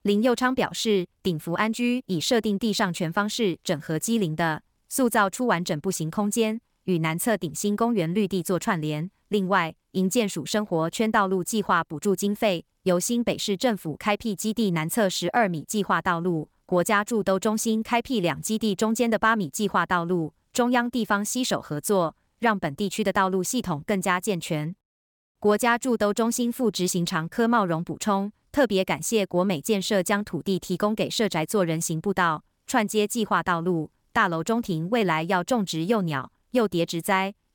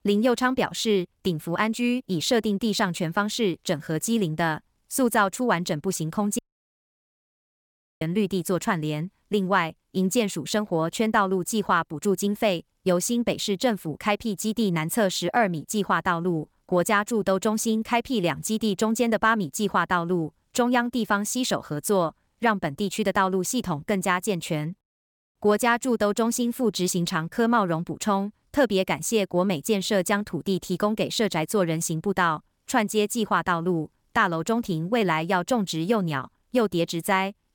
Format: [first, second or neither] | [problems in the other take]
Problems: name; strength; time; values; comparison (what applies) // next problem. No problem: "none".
first | audio cutting out; at 6.5 s for 1.5 s